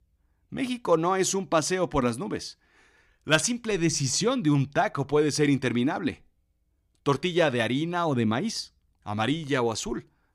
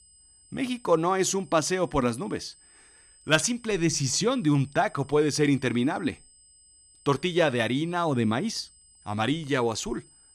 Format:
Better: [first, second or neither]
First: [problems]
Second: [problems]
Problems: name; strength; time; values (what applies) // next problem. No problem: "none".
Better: first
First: none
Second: high-pitched whine; faint; throughout; 8 kHz, 30 dB below the speech